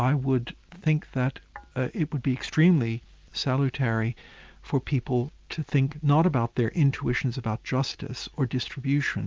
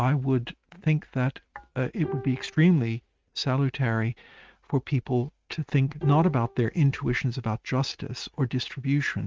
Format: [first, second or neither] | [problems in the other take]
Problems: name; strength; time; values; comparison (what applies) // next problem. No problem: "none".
first | noise reduction (neural mask model RNNoise)